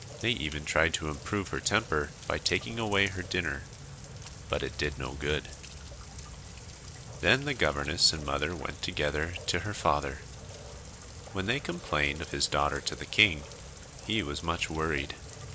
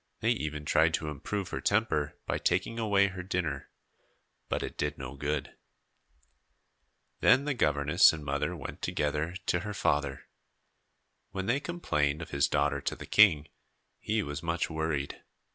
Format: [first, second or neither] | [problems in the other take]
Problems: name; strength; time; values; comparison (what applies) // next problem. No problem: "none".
second | background sound (Rain); 12 dB below the speech